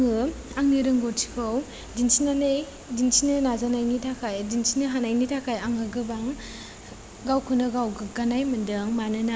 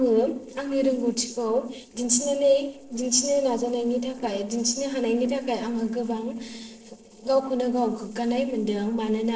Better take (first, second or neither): first